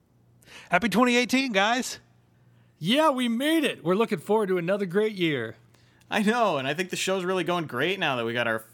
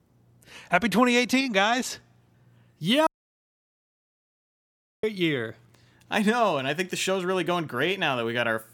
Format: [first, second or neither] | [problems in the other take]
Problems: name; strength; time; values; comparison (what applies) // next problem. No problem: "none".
first | audio cutting out; at 3 s for 2 s